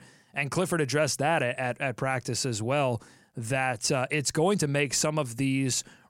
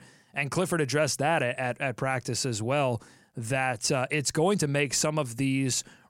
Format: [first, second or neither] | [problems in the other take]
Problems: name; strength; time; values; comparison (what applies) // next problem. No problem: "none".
neither | none